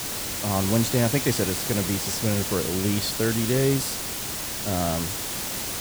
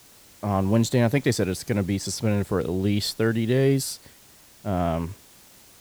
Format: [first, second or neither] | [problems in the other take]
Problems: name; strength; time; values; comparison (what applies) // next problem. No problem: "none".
second | hiss; loud; throughout; 2 dB below the speech; faint in the second